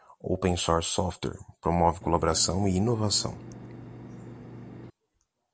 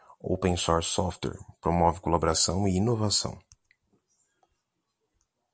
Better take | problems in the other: second | background sound (Engine); 14 dB below the speech

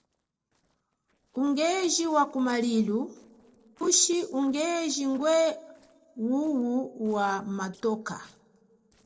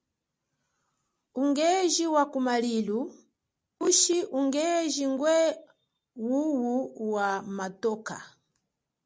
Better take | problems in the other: second | noise reduction (neural separator model SepFormer DNS4)

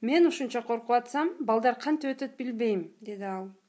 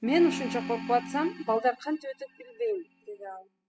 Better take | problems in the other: first | noise reduction (classical method spectral subtraction)

